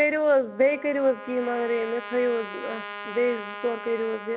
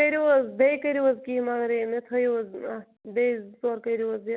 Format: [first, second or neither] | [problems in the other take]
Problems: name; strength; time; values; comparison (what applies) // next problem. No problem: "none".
second | background sound (Trumpet); 13 dB below the speech